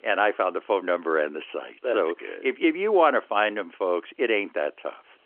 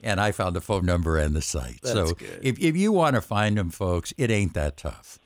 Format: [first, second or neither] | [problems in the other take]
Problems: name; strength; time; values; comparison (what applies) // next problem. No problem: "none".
second | phone-call audio; nothing above 3 kHz